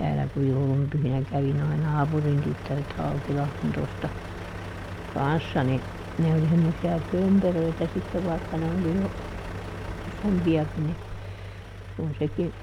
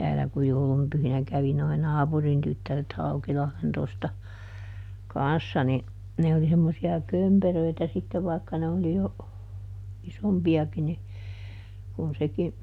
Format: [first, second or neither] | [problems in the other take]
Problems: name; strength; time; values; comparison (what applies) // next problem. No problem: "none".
second | background sound (Truck); 12 dB below the speech